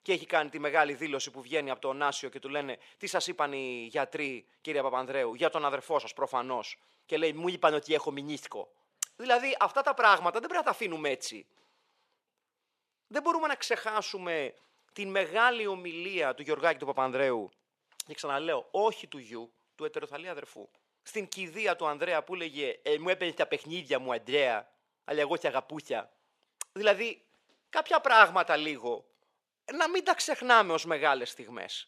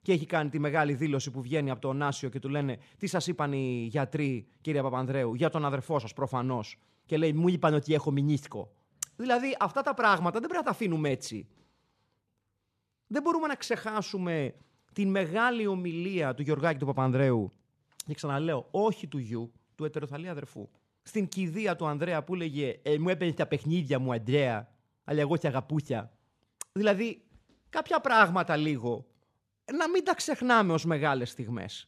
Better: second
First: thin; very; fading below 550 Hz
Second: none

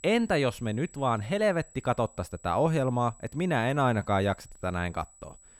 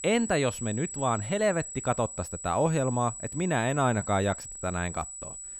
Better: first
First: high-pitched whine; faint; throughout; 8 kHz, 25 dB below the speech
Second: high-pitched whine; loud; throughout; 8 kHz, 9 dB below the speech

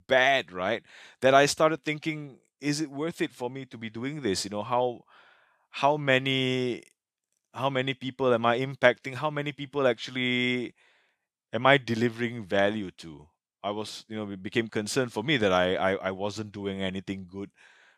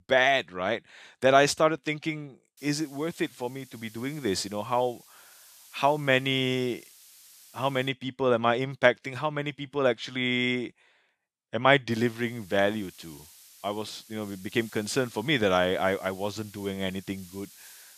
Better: first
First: none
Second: hiss; faint; from 2.5 to 8 s and from 12 s on; 25 dB below the speech

